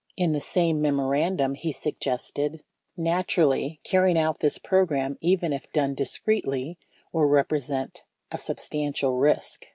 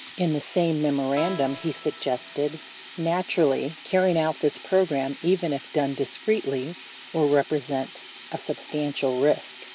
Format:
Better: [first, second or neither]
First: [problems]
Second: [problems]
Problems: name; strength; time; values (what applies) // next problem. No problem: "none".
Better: first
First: none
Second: background sound (Keyboard (musical) + Sink (filling or washing)); 17 dB below the speech